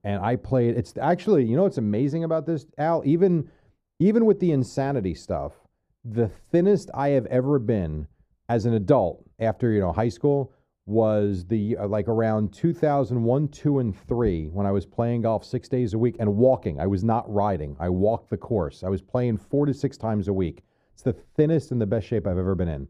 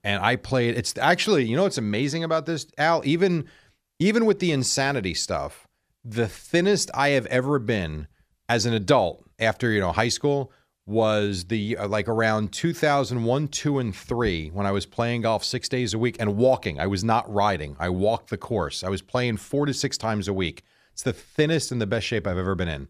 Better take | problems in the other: second | muffled; very; fading above 1 kHz

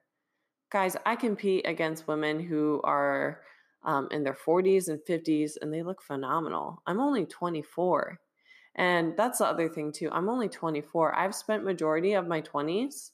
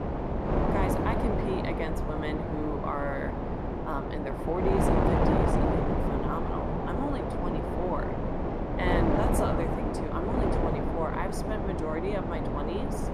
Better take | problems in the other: first | wind noise on the microphone; heavy; 3 dB above the speech

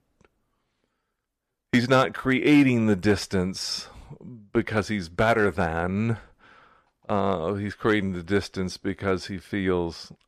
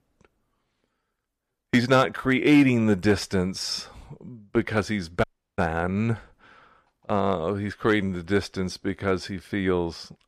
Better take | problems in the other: first | audio cutting out; at 5 s

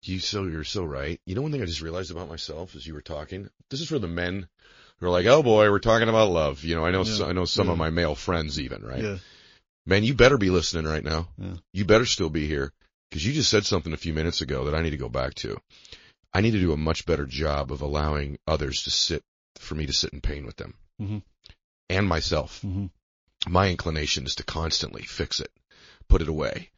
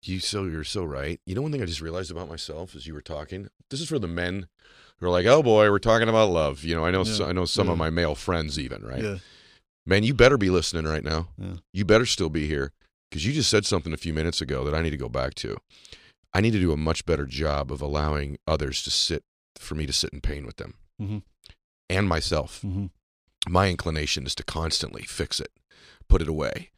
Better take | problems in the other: second | garbled, watery; slightly; nothing above 6.5 kHz

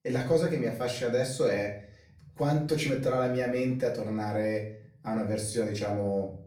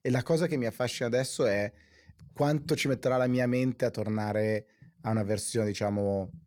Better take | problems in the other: second | room echo; slight; dies away in 0.4 s // off-mic speech; far

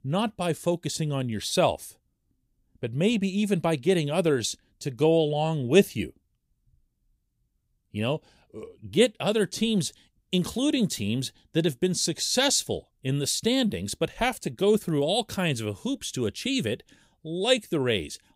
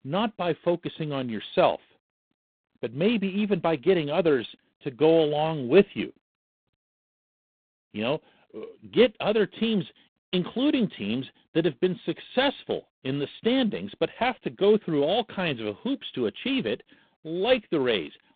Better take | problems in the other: first | phone-call audio; poor line; nothing above 3.5 kHz

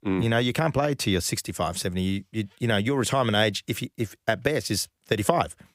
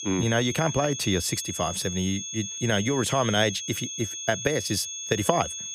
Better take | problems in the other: first | high-pitched whine; loud; throughout; 6.5 kHz, 6 dB below the speech

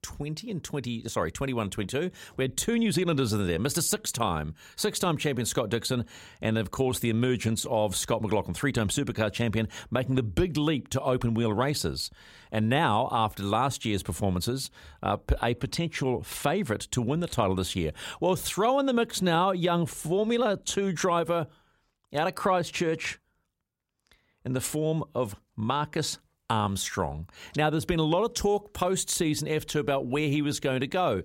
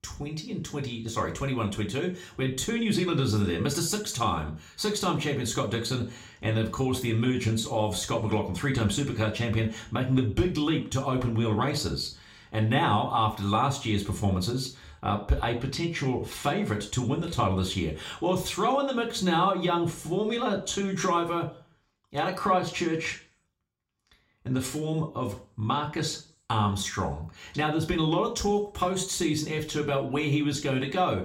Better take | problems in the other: first | room echo; slight; dies away in 0.4 s // off-mic speech; somewhat distant

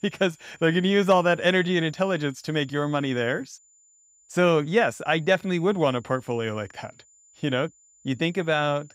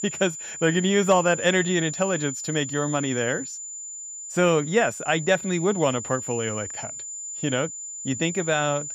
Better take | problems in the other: first | high-pitched whine; loud; throughout; 7 kHz, 8 dB below the speech; faint in the first

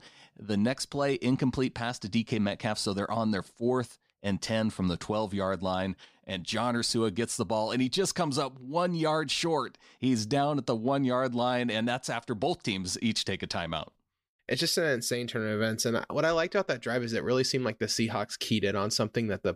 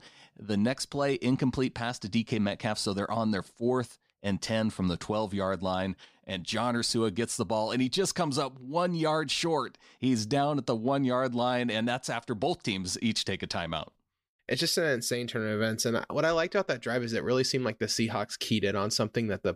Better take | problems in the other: neither | none

